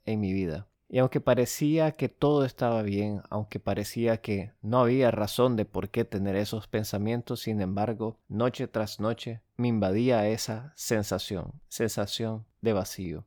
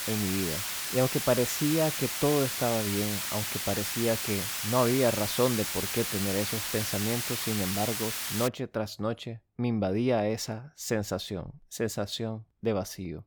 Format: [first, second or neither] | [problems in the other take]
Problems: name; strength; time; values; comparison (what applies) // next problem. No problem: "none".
first | hiss; loud; until 8.5 s; as loud as the speech